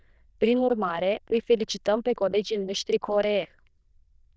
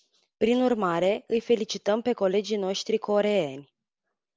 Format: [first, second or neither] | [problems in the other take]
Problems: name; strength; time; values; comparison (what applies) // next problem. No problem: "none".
second | noise reduction (neural diffusion model UNIVERSE++)